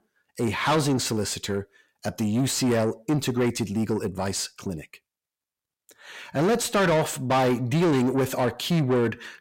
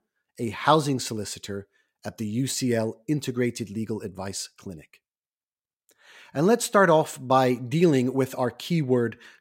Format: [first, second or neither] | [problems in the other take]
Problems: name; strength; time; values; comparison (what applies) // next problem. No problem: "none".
second | distortion; heavy; 6 dB below the speech